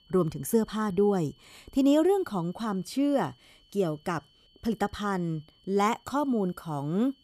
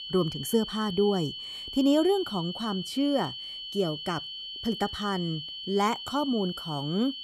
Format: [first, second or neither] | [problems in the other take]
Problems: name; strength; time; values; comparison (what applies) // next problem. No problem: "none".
first | high-pitched whine; loud; throughout; 3 kHz, 7 dB below the speech; faint in the first